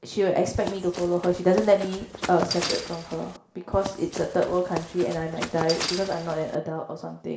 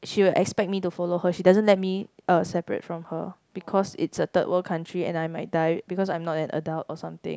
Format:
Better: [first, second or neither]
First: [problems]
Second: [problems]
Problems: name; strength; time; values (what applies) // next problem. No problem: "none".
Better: second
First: background sound (Run); 9 dB below the speech // room echo; dies away in 0.6 s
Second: none